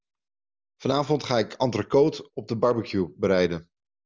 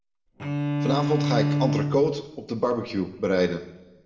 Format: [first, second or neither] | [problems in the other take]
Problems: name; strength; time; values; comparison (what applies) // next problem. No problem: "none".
first | background sound (Bowed string instrument); 1 dB below the speech // room echo; dies away in 0.8 s